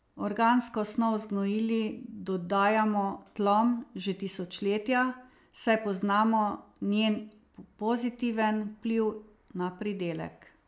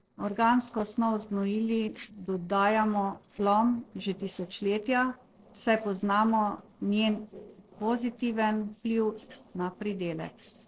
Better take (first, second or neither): first